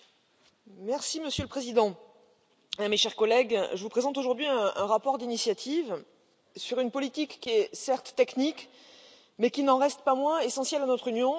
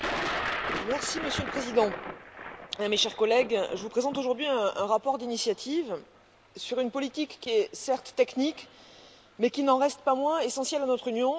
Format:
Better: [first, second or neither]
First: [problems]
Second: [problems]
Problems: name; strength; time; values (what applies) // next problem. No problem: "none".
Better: first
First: none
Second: background sound (Thunder); 11 dB below the speech